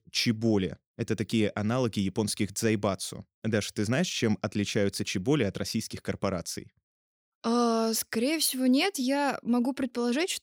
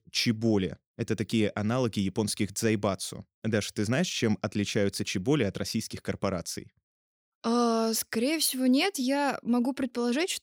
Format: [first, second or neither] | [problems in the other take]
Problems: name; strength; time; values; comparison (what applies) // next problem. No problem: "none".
neither | none